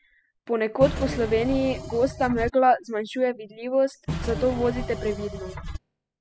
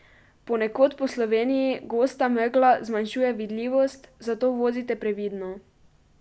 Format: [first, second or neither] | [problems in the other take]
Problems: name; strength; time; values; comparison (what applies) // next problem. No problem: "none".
second | noise reduction (classical method spectral subtraction)